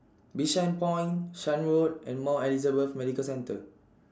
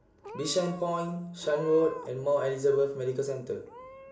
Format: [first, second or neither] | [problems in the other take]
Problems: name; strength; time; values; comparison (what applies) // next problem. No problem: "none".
first | background sound (Meow / Purr); 18 dB below the speech // room echo; dies away in 0.6 s